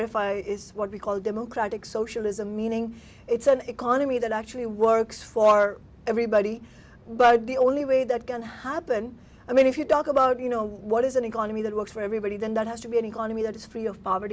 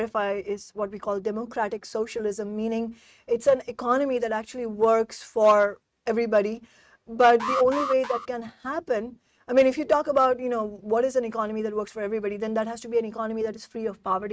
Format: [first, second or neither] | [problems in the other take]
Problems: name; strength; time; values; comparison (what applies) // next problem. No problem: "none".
first | noise reduction (neural mask model RNNoise)